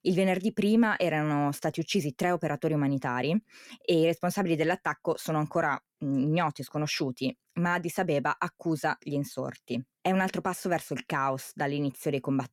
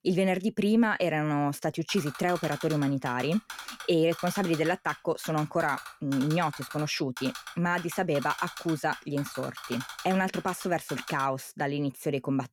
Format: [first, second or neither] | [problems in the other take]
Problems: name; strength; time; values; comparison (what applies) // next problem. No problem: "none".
first | keyboard typing; noticeable; from 2 to 11 s; peak 9 dB below the speech